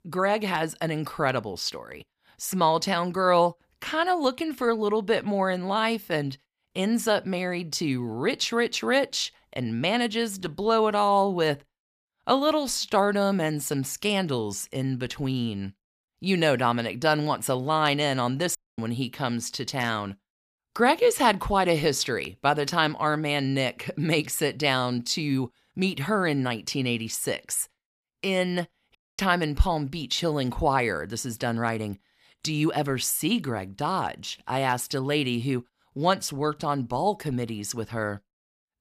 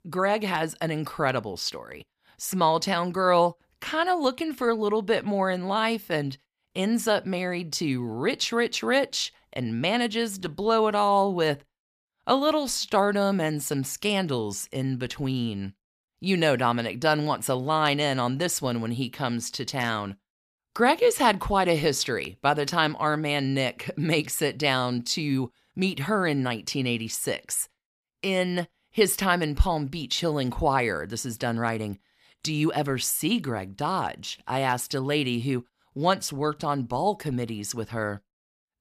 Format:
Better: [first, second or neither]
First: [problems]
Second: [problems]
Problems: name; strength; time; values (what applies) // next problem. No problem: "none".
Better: second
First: audio cutting out; at 19 s and at 29 s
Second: none